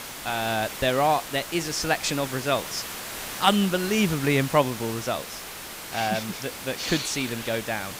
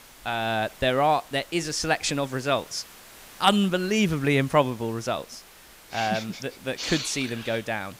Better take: second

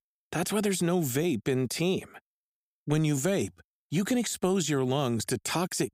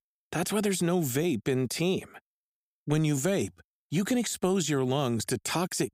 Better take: neither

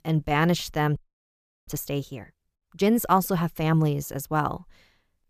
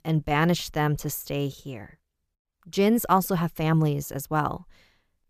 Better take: second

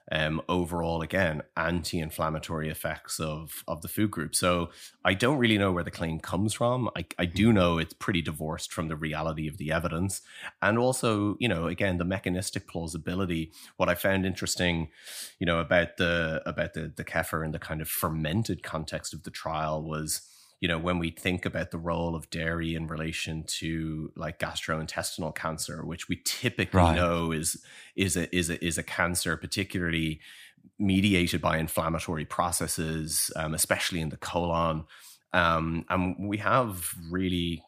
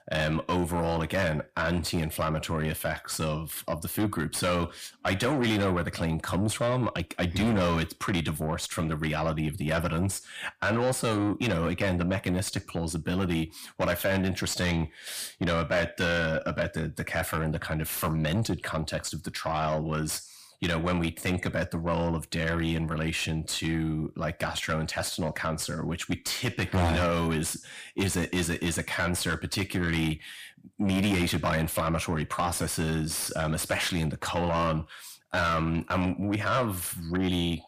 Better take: first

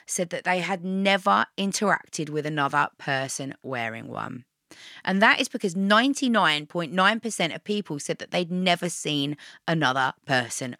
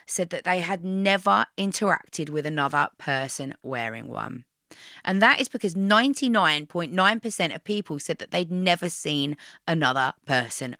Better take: first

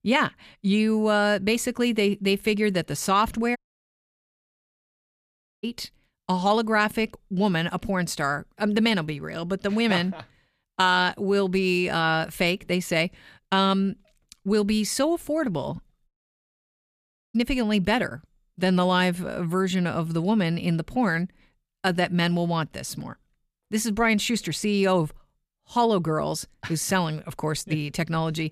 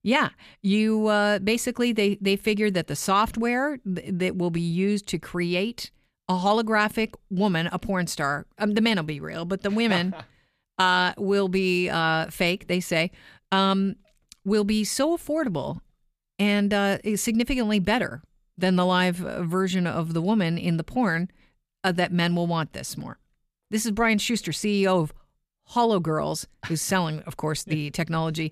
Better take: second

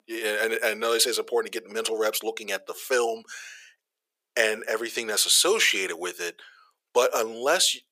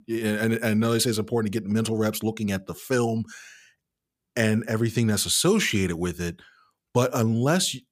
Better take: second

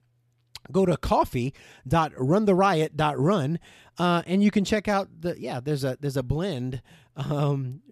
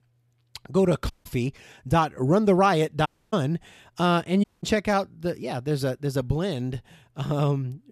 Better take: first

